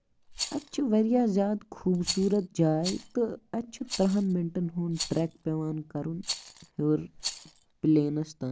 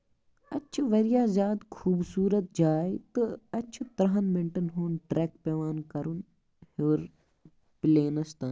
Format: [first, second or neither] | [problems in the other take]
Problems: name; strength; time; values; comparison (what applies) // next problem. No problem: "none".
second | background sound (Rattle); 13 dB below the speech